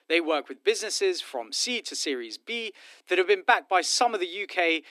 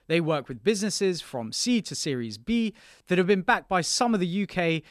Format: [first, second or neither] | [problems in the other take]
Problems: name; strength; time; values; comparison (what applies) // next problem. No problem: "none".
second | thin; very; fading below 300 Hz